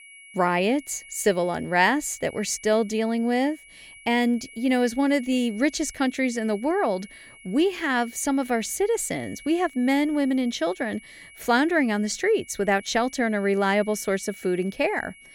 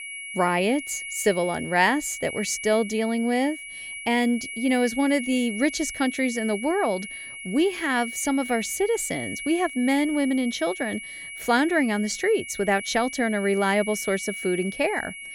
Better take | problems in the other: first | high-pitched whine; loud; throughout; 2.5 kHz, 9 dB below the speech; faint in the first

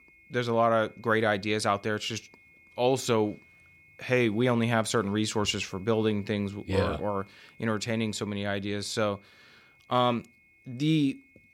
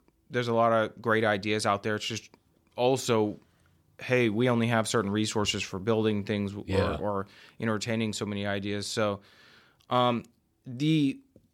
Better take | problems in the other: second | high-pitched whine; faint; throughout; 2 kHz, 30 dB below the speech

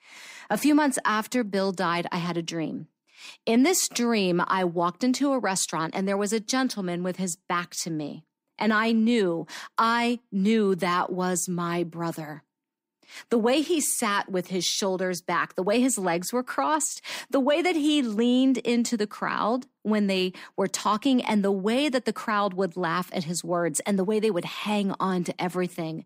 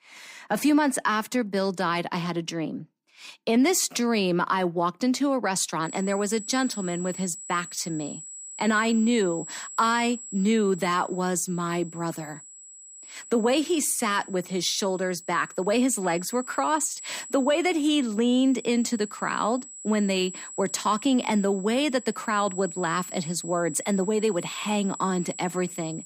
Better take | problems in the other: first | high-pitched whine; noticeable; from 6 s on; 7.5 kHz, 15 dB below the speech

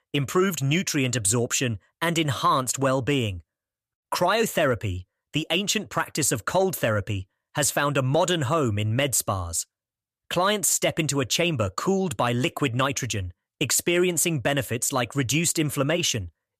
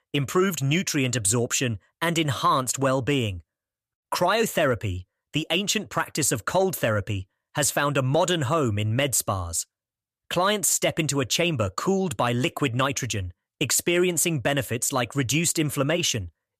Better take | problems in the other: neither | none

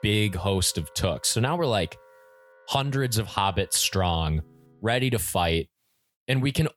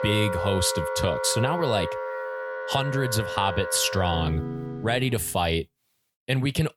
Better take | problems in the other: first | background music; loud; until 5 s; 5 dB below the speech; faint in the first

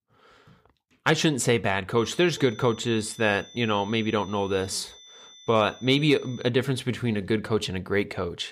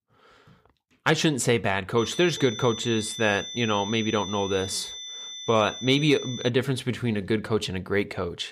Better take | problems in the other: first | high-pitched whine; loud; from 2 to 6.5 s; 3.5 kHz, 10 dB below the speech; faint in the first

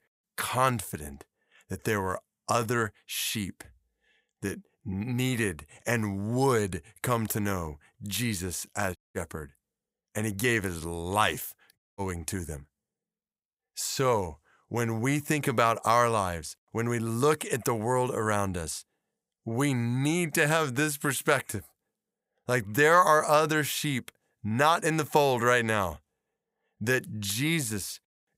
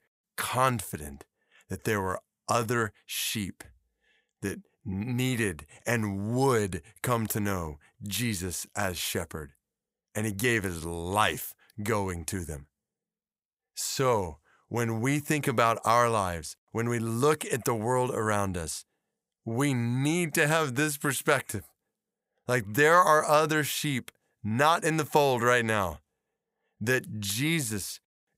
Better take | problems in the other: second | audio cutting out; at 9 s and at 12 s

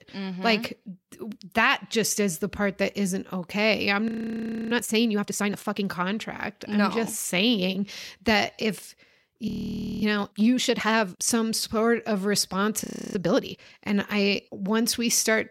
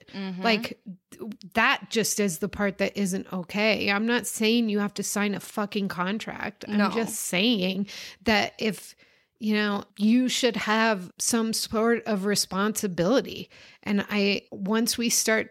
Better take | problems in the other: second | audio freezing; at 4 s for 0.5 s, at 9.5 s for 0.5 s and at 13 s

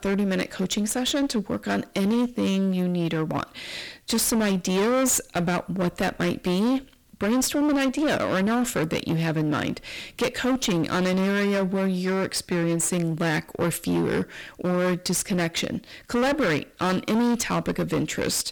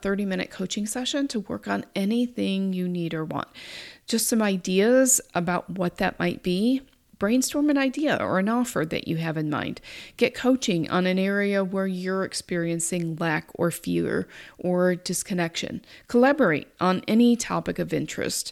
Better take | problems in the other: second | distortion; heavy; 25% of the sound clipped

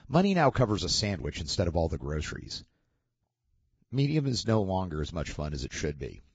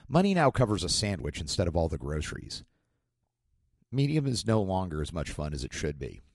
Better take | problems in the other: second | garbled, watery; badly; nothing above 7.5 kHz; slightly in the second

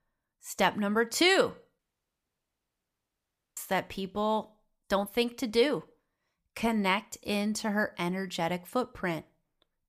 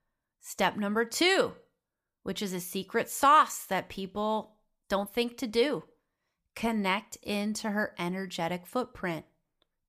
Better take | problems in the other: second | audio cutting out; at 2 s for 2 s

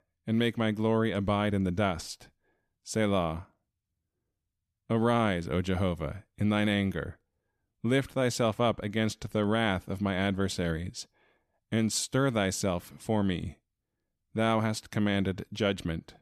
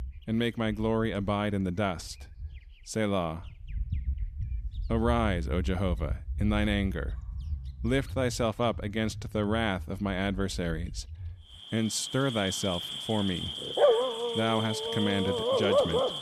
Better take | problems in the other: first | animal sounds; loud; throughout; 2 dB below the speech

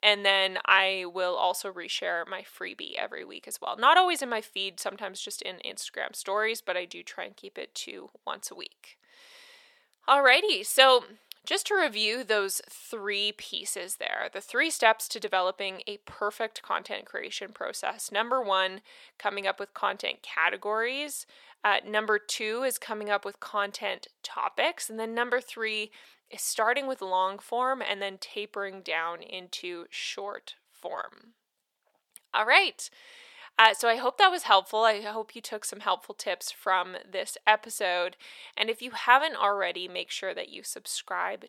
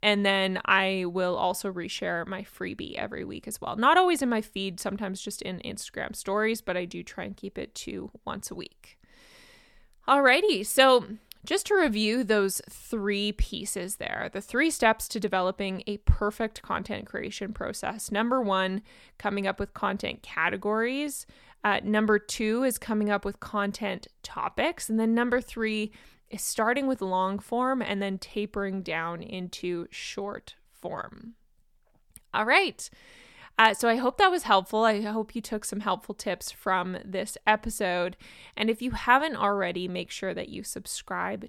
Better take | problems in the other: second | thin; very; fading below 600 Hz

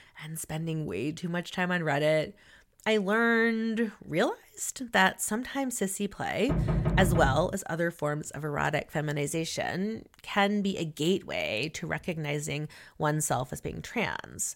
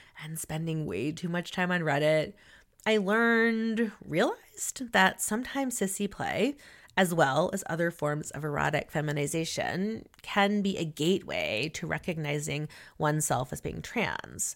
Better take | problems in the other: second | door banging; loud; from 6.5 to 7.5 s; peak 2 dB above the speech

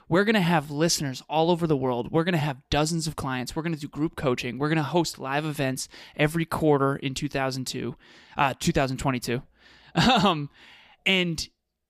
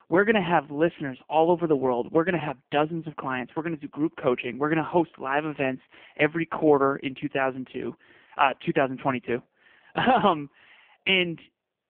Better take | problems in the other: first | phone-call audio; poor line; nothing above 3 kHz

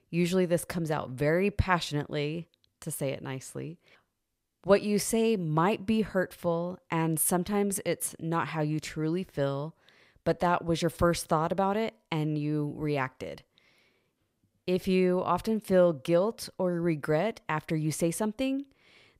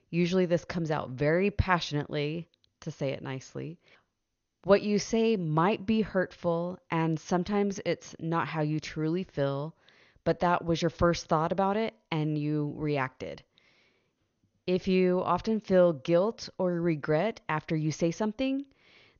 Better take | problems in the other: first | garbled, watery; slightly; nothing above 6.5 kHz

